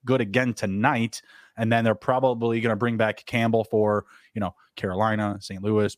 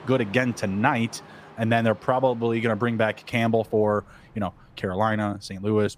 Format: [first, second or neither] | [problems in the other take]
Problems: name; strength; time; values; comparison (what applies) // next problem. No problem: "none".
first | train or aircraft noise; faint; throughout; 25 dB below the speech